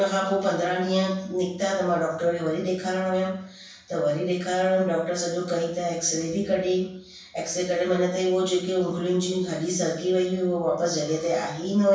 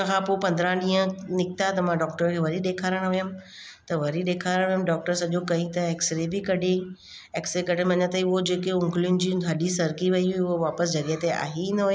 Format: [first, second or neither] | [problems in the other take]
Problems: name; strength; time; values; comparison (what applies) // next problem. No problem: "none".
second | room echo; dies away in 0.7 s